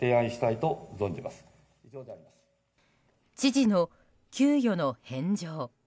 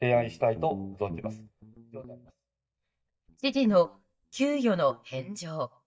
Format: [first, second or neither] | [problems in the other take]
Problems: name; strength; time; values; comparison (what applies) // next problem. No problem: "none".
first | noise reduction (neural mask model DeepFilterNet 3)